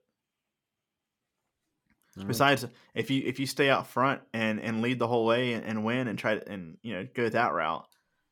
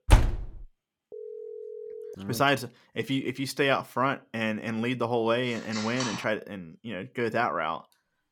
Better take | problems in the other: first | door banging; loud; at the start; peak 5 dB above the speech // phone ringing; faint; from 1 to 2 s; peak 10 dB below the speech // phone ringing; noticeable; at 5.5 s; peak 5 dB below the speech

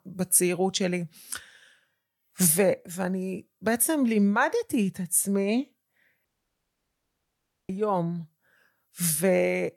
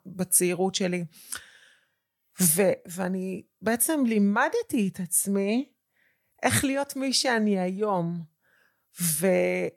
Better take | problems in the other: second | audio cutting out; at 6.5 s for 1.5 s

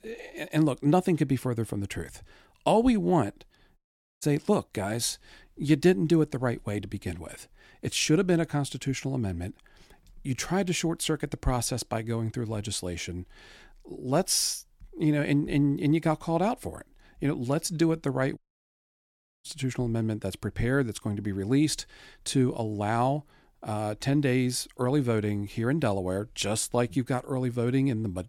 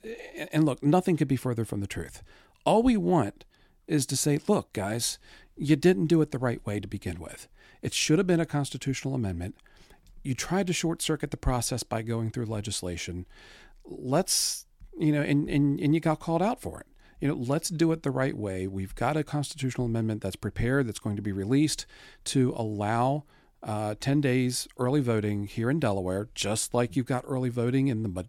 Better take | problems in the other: second | audio cutting out; at 4 s and at 18 s for 1 s

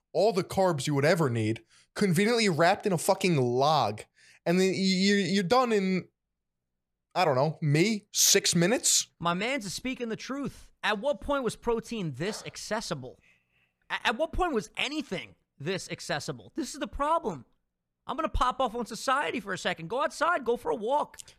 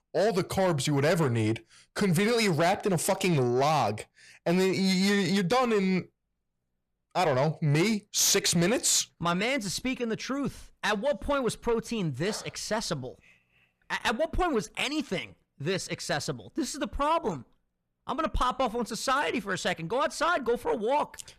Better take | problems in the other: first | distortion; slight; 10 dB below the speech

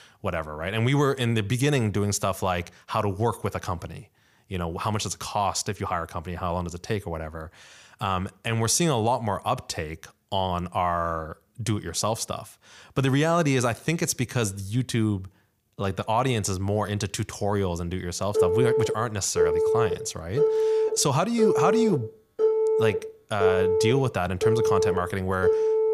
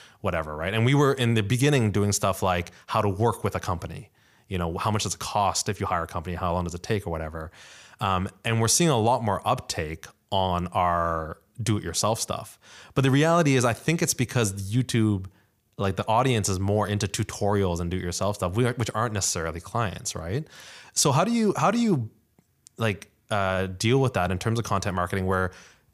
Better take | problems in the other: second | phone ringing; loud; from 18 s on; peak 5 dB above the speech

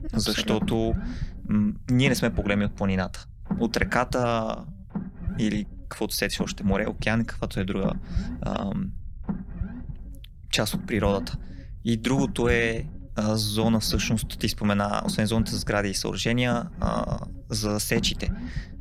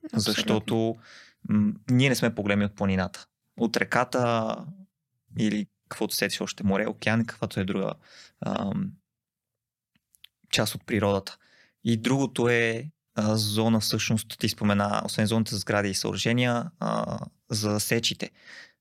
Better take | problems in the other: second | low rumble; noticeable; throughout; 15 dB below the speech

